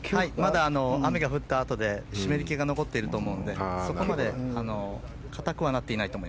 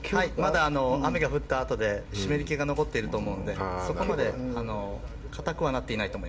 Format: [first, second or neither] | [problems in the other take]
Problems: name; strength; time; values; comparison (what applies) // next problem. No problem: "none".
first | room echo; dies away in 0.4 s